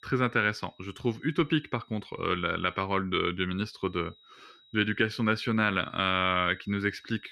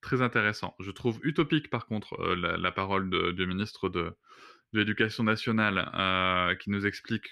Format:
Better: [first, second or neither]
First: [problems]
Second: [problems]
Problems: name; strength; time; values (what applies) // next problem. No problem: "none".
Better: second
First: high-pitched whine; faint; until 3 s and from 4 s on; 4 kHz, 30 dB below the speech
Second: none